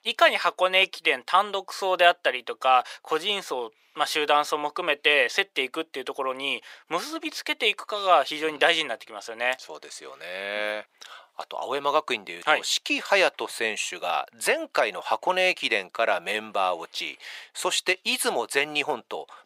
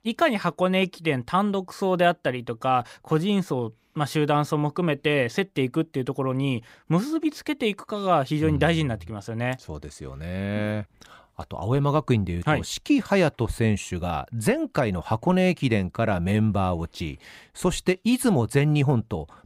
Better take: second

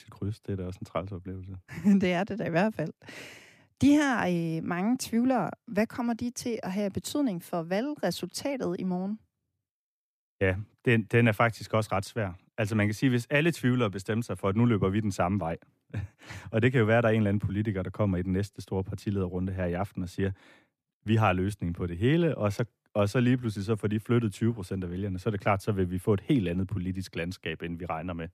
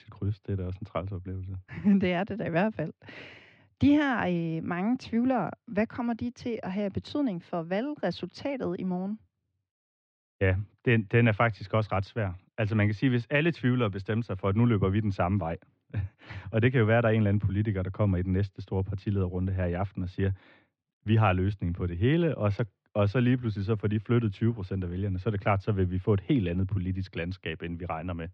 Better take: first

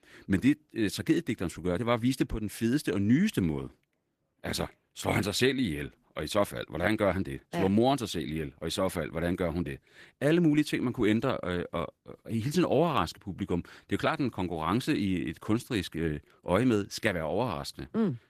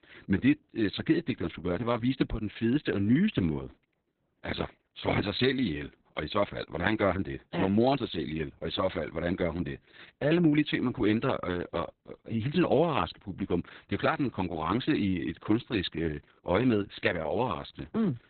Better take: first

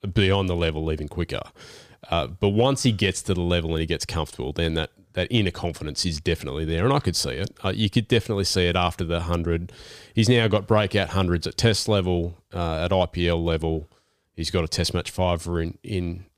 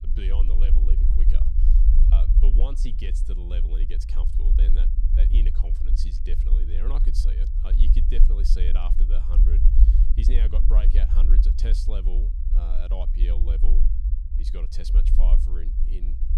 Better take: first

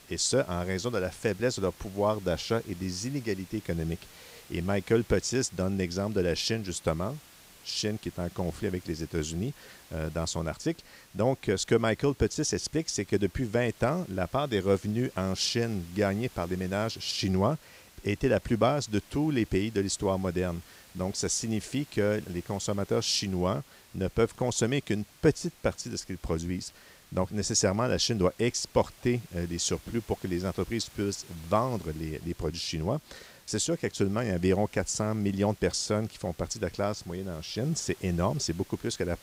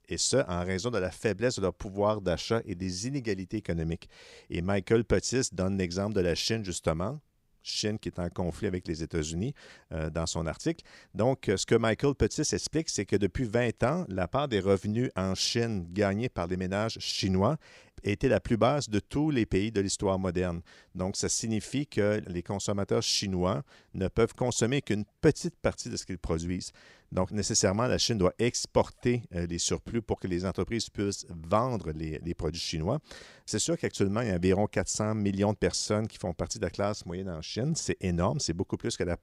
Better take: second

